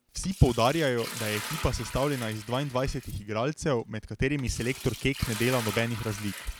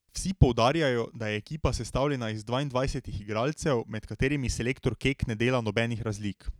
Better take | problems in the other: second | background sound (Liquid); 12 dB below the speech

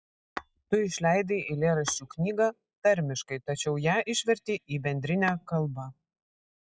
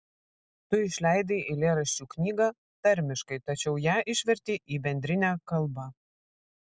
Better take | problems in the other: second | noise reduction (classical method log-MMSE)

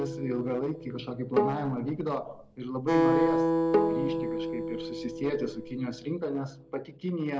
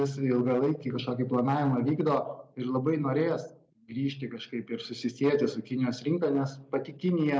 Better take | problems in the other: second | background sound (Bowed string instrument + Acoustic guitar); 3 dB above the speech

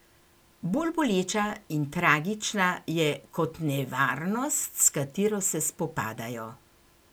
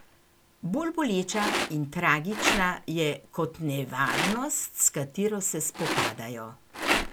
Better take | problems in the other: first | background sound (Rattle); 4 dB below the speech

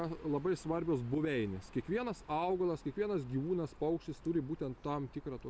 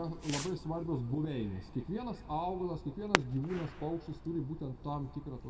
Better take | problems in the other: first | background sound (Fireworks); 7 dB below the speech // room echo; dies away in 1.6 s

